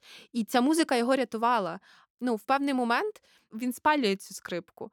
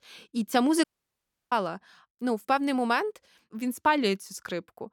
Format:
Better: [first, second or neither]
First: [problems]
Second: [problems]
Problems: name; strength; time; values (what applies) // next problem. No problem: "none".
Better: first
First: none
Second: audio cutting out; at 1 s for 0.5 s